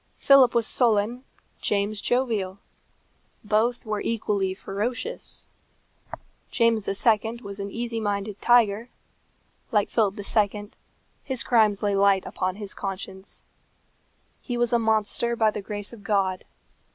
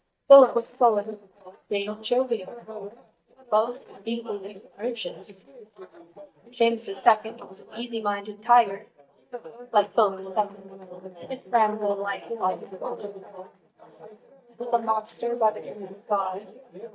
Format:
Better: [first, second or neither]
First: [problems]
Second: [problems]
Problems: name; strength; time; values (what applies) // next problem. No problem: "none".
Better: first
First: none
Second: noise reduction (neural mask model DeepFilterNet 3)